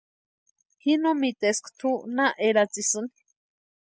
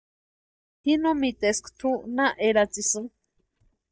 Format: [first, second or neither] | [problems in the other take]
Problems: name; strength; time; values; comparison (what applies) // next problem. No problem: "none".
first | noise reduction (neural mask model DeepFilterNet 3)